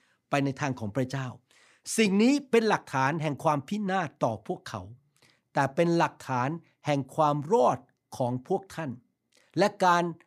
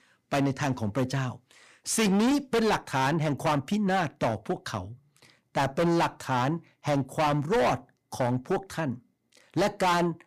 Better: first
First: none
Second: distortion; heavy; 14% of the sound clipped

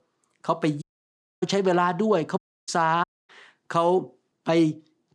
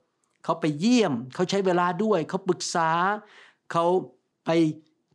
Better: second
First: audio cutting out; at 1 s for 0.5 s, at 2.5 s and at 3 s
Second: none

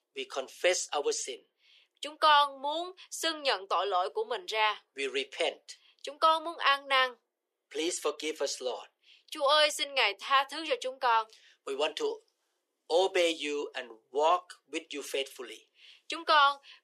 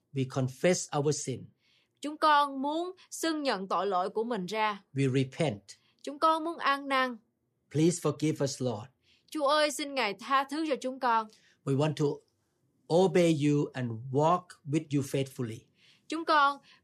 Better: second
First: thin; very; fading below 400 Hz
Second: none

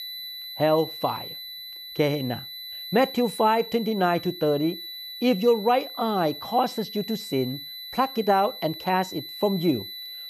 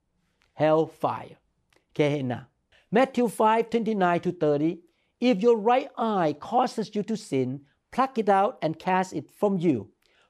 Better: second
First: high-pitched whine; noticeable; throughout; 4 kHz, 10 dB below the speech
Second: none

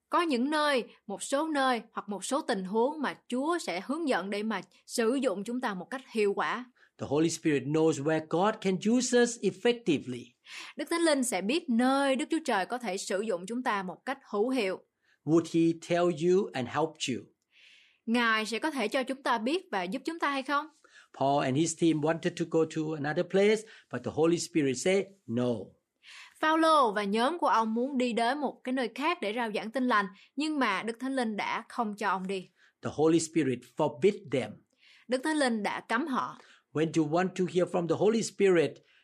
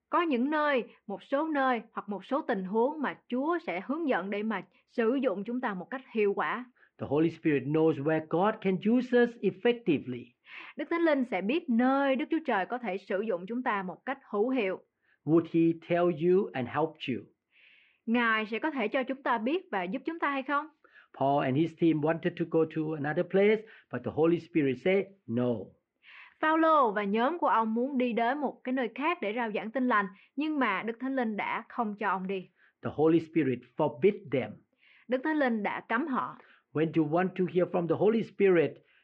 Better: first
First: none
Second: muffled; very; fading above 2.5 kHz

